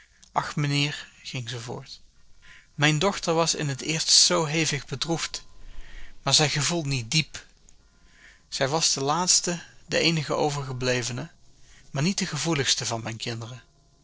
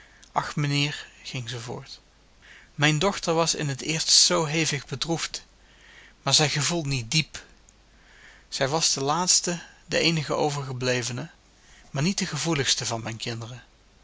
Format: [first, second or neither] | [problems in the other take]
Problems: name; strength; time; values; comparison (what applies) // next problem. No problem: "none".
second | noise reduction (neural separator model SepFormer DNS4)